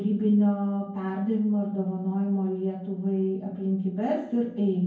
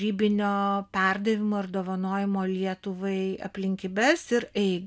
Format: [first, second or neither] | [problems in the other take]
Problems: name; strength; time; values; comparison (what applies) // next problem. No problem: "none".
second | room echo; dies away in 0.9 s